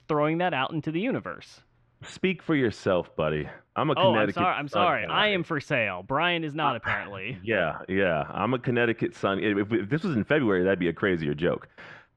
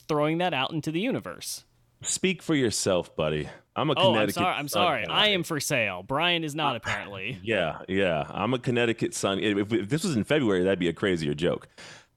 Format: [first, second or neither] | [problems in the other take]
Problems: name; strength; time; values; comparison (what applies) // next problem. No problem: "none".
second | muffled; very; fading above 2 kHz